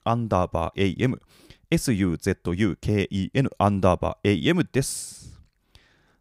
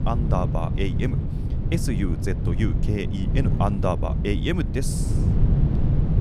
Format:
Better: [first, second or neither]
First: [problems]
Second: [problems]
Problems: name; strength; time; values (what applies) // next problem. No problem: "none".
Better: first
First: none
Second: wind noise on the microphone; heavy; 6 dB below the speech